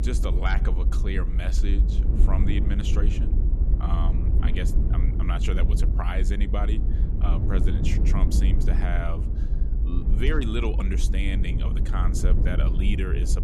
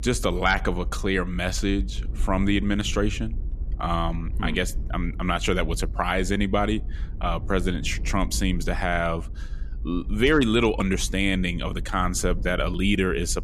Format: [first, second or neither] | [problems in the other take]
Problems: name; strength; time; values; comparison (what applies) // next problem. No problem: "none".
second | low rumble; loud; throughout; 5 dB below the speech; faint in the second